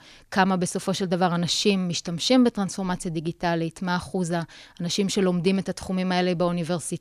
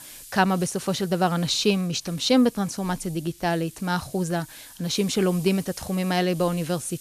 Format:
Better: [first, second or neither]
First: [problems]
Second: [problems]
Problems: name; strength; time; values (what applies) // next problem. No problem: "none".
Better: first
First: none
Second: hiss; noticeable; throughout; 20 dB below the speech